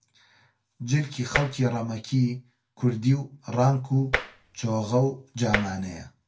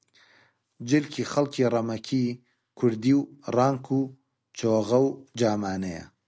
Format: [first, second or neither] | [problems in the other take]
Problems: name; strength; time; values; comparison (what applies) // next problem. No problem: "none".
second | background sound (Tap); 3 dB below the speech // room echo; dies away in 0.2 s